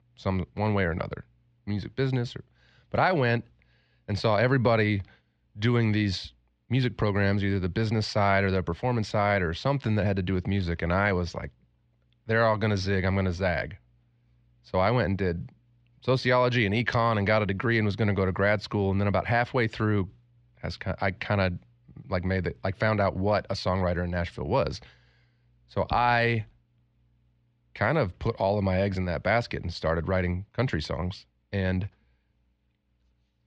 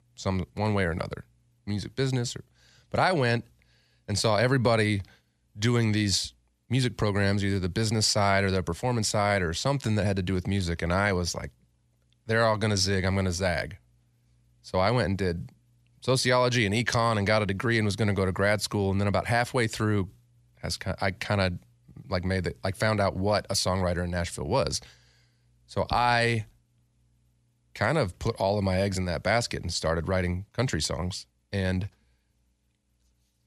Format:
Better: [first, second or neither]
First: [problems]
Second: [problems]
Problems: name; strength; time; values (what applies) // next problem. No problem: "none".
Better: second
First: muffled; slightly; fading above 3.5 kHz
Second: none